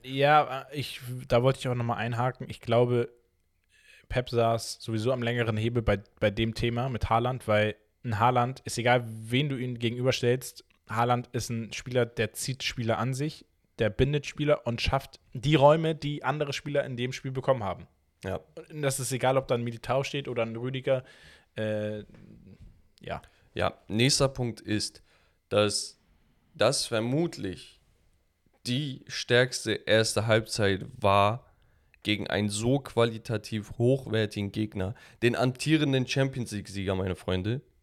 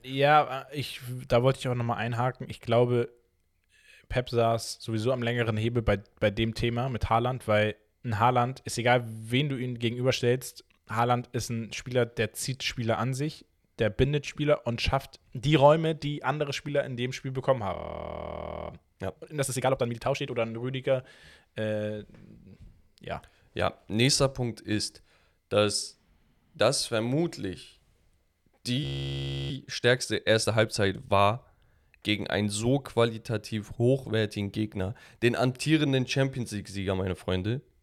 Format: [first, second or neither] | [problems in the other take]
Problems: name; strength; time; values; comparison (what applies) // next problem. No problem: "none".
first | audio freezing; at 18 s for 1 s and at 29 s for 0.5 s